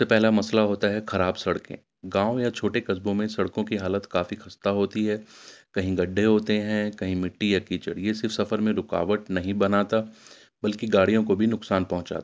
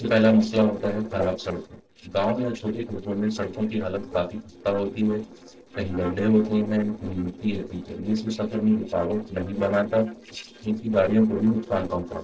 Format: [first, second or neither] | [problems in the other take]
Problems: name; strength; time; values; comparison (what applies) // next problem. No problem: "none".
first | noise reduction (neural separator model SepFormer DNS4)